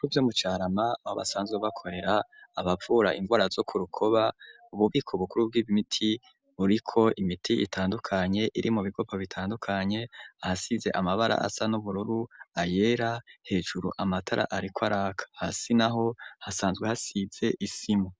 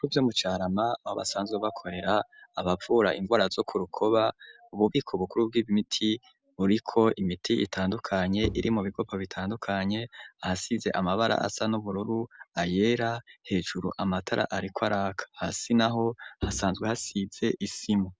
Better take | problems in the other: first | background sound (Bowed string instrument); 11 dB below the speech

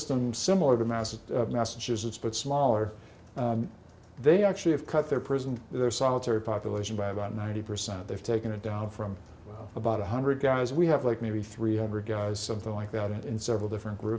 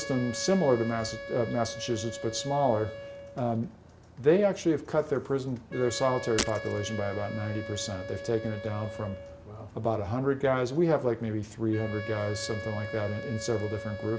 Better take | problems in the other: first | background sound (Wind instrument, woodwind instrument + Shatter); 11 dB below the speech

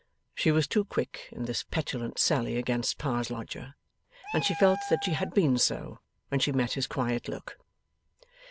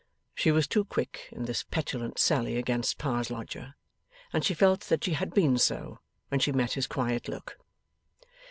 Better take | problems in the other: second | background sound (Meow); 11 dB below the speech

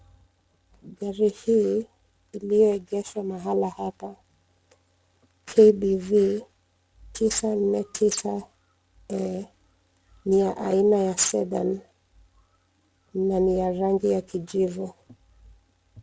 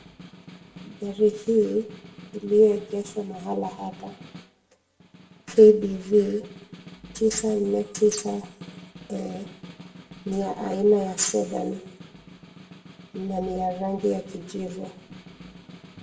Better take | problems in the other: first | background sound (Snare drum); 20 dB below the speech // room echo; dies away in 0.5 s

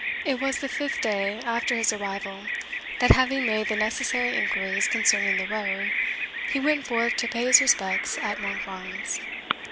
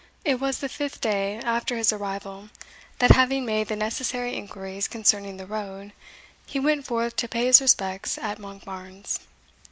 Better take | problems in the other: second | background sound (Bird vocalization, bird call, bird song); 2 dB below the speech

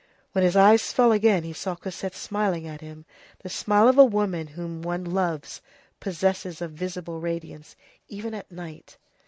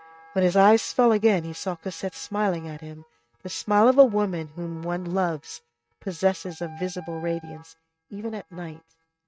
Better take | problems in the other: first | noise reduction (neural mask model RNNoise)

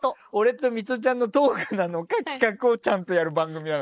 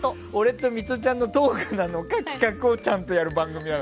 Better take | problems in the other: second | noise reduction (neural mask model Resemble Enhance denoiser)

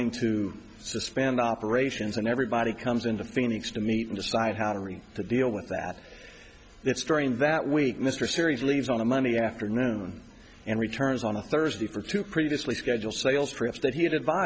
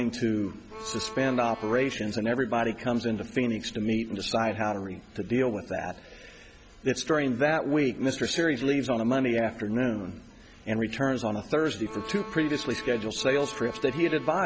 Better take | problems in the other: first | background sound (Bowed string instrument); 13 dB below the speech

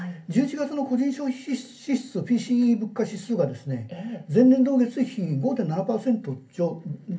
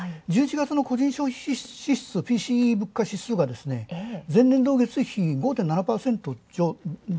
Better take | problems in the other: second | room echo; dies away in 0.3 s

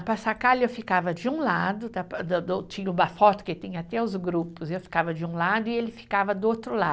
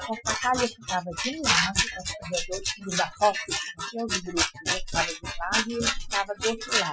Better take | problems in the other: first | noise reduction (classical method Wiener filter)

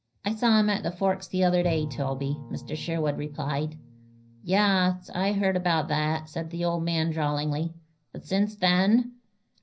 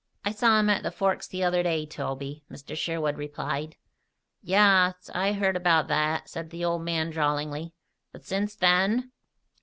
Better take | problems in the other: second | background sound (Bowed string instrument); 20 dB below the speech // room echo; dies away in 0.5 s

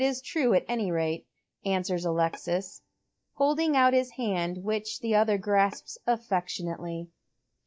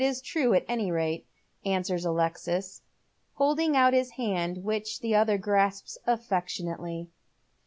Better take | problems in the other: second | noise reduction (neural mask model DeepFilterNet 3)

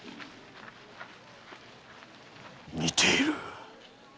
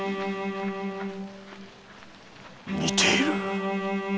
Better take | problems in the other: first | background sound (Bowed string instrument); 1 dB above the speech

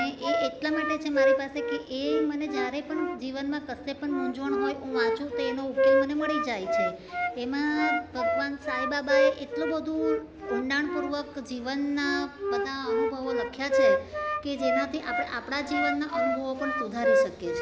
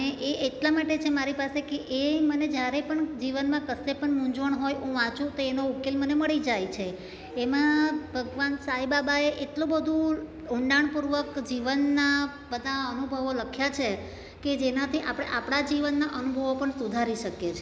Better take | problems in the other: second | background sound (Wind instrument, woodwind instrument); 2 dB above the speech

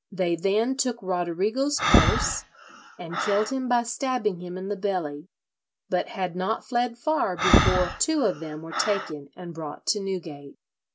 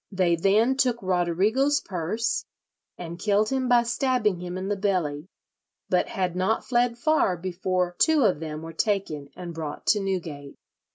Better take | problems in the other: second | background sound (Breathing); 2 dB below the speech

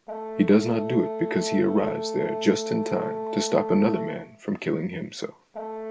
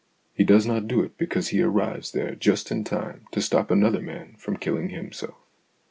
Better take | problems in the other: second | background sound (Brass instrument); 7 dB below the speech

